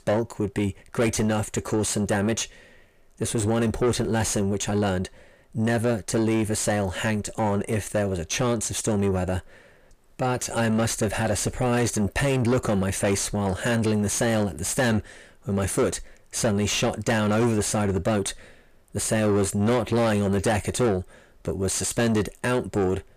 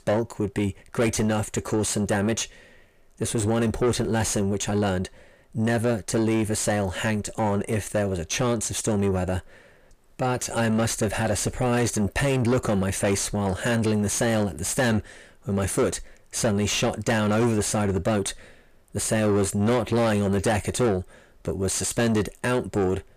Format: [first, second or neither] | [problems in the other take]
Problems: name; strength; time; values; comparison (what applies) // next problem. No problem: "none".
neither | distortion; heavy; 7 dB below the speech; the same in both